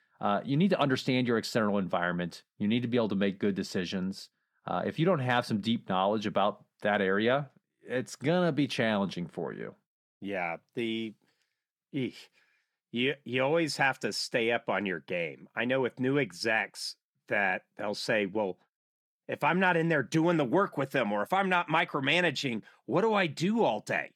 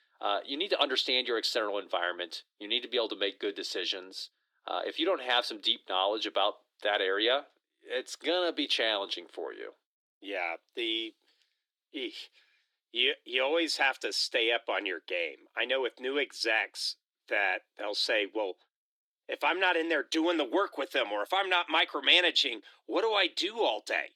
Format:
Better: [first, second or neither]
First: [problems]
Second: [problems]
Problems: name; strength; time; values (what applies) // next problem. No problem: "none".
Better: first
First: none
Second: thin; very; fading below 300 Hz